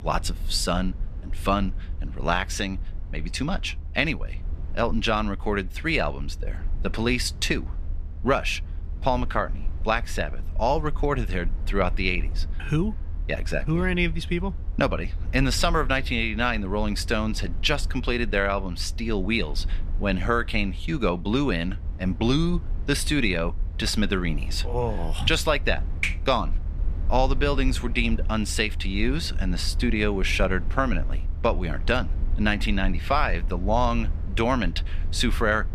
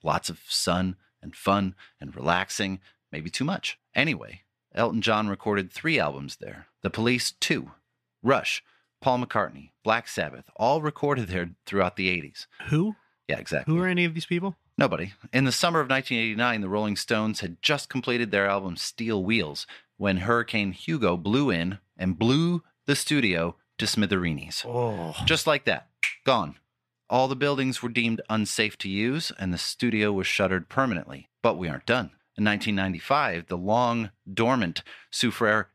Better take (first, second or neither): second